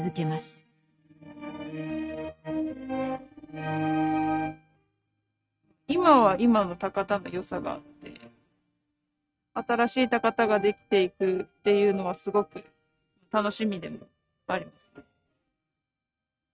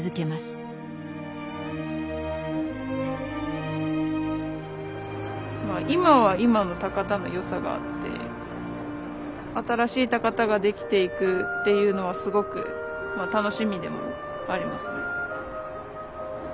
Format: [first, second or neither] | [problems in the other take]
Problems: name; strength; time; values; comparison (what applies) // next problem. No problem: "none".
second | noise reduction (neural mask model RNNoise)